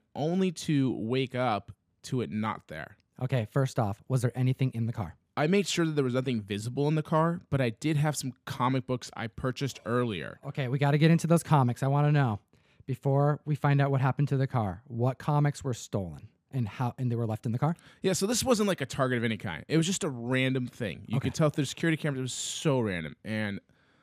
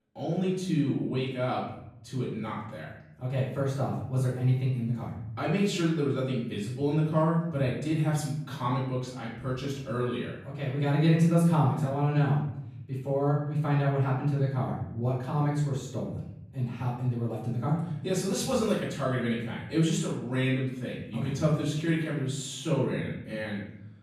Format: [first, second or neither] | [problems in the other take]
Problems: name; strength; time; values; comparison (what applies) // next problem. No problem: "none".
first | off-mic speech; far // room echo; noticeable; dies away in 0.8 s